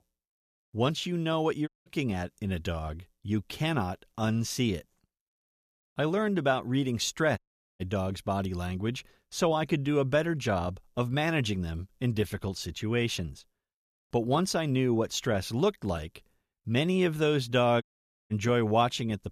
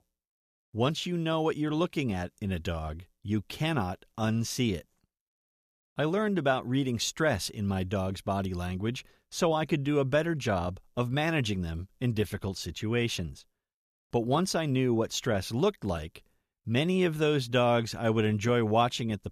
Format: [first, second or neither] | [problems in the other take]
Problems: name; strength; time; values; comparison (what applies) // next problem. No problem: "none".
second | audio cutting out; at 1.5 s, at 7.5 s and at 18 s